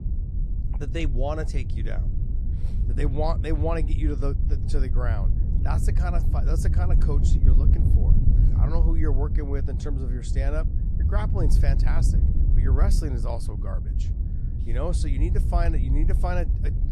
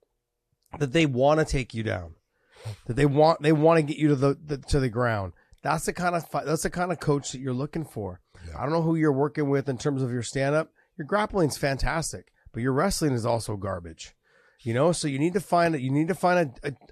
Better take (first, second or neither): second